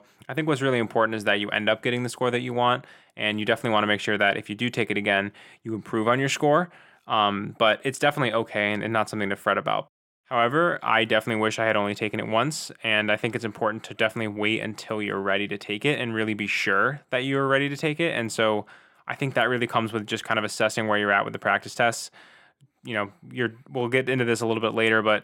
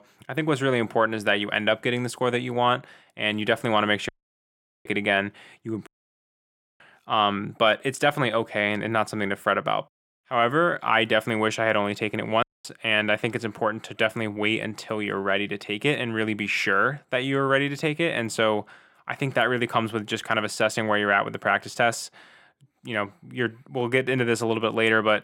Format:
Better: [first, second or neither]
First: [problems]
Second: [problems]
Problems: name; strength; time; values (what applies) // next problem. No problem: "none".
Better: first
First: none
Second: audio cutting out; at 4 s for 1 s, at 6 s for 1 s and at 12 s